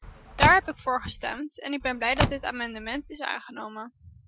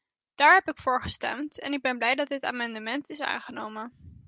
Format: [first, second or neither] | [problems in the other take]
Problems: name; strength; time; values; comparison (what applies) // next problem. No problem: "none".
second | noise reduction (classical method Wiener filter)